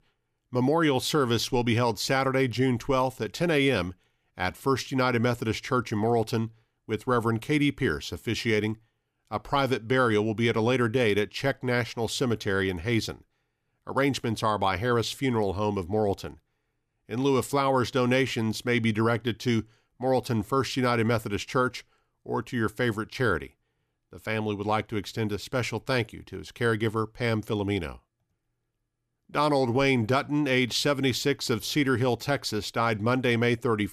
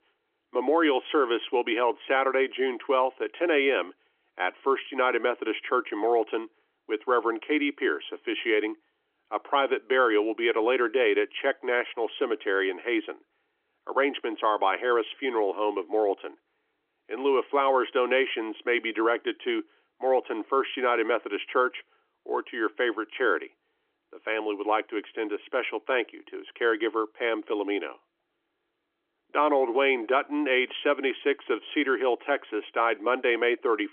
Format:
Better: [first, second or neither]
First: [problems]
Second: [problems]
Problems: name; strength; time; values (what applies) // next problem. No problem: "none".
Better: first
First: none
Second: phone-call audio; nothing above 3.5 kHz